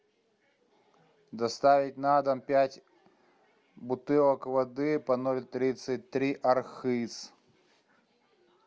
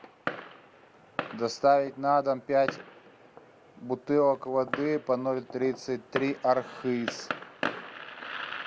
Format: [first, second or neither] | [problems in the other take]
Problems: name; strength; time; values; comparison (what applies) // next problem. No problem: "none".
first | background sound (Fireworks); 10 dB below the speech